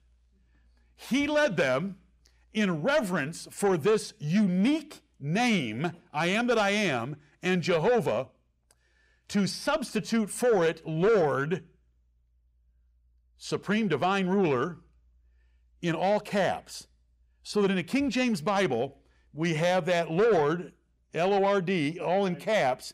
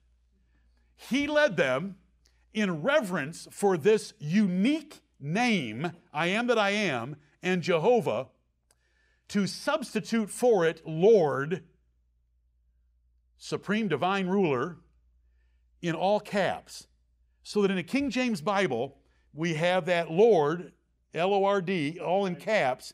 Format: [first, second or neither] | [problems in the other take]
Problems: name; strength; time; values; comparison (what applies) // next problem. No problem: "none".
second | distortion; slight; 10 dB below the speech